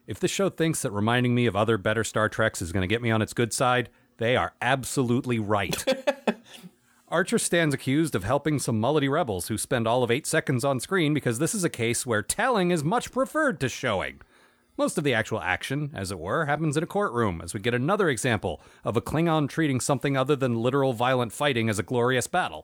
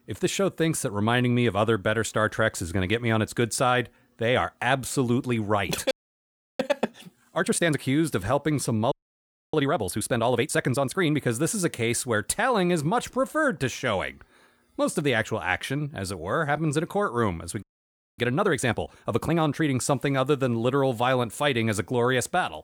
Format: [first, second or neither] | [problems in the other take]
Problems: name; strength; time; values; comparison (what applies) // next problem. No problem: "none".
first | audio freezing; at 6 s for 0.5 s, at 9 s for 0.5 s and at 18 s for 0.5 s